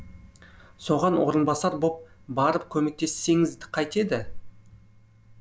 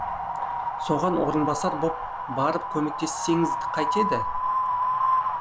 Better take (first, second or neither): first